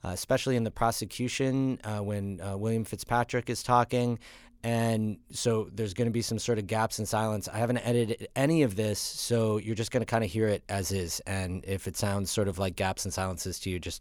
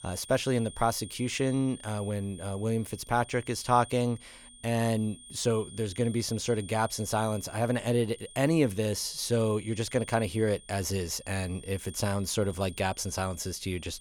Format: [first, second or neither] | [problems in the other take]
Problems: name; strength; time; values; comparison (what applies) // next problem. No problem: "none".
first | high-pitched whine; noticeable; throughout; 9 kHz, 20 dB below the speech